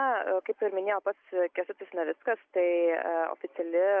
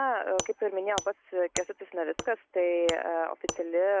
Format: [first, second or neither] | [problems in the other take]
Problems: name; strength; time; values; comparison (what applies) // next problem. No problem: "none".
first | background sound (Wood); 12 dB below the speech